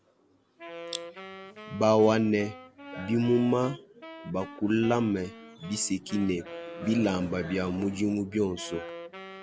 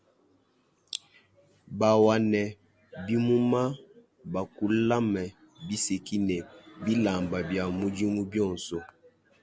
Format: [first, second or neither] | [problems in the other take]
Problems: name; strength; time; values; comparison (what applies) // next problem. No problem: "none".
second | background sound (Wind instrument, woodwind instrument); 16 dB below the speech